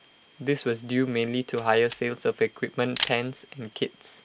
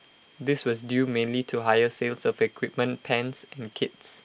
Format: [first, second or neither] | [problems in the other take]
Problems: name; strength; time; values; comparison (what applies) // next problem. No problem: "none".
second | background sound (Camera); 12 dB below the speech